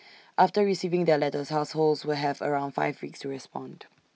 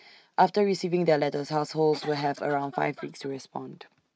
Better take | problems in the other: first | noise reduction (neural mask model RNNoise)

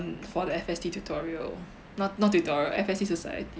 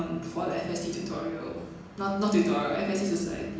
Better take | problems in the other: first | room echo; dies away in 1 s

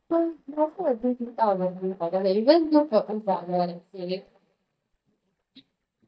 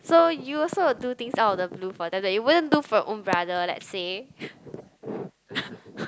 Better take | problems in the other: second | noise reduction (neural mask model DeepFilterNet 3)

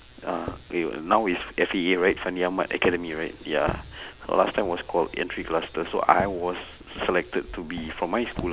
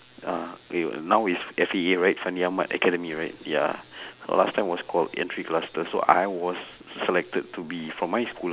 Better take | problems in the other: second | background sound (Walk, footsteps); 15 dB below the speech

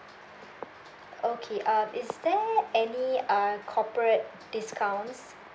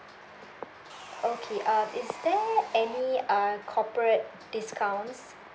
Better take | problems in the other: first | background sound (Sawing); 14 dB below the speech

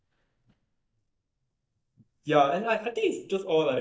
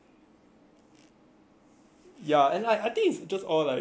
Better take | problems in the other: second | noise reduction (neural mask model DeepFilterNet 3)

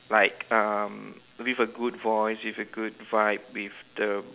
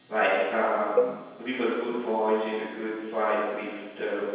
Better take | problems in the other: first | background sound (Cowbell); 4 dB below the speech // room echo; dies away in 1.2 s

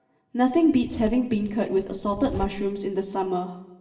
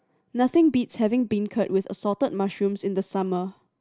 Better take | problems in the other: second | background sound (Zipper (clothing)); 14 dB below the speech // room echo; dies away in 1 s

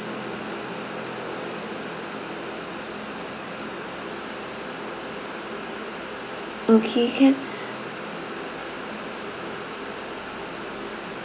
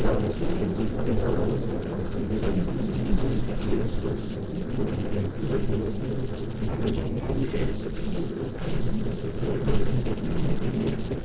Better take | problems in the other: first | noise reduction (neural separator model SepFormer DNS4)

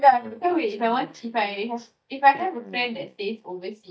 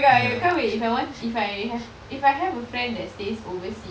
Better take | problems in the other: second | noise reduction (neural mask model DeepFilterNet 3)

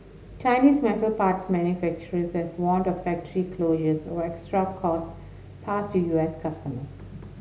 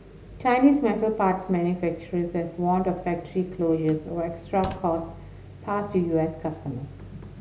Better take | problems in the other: first | background sound (Slam); 17 dB below the speech

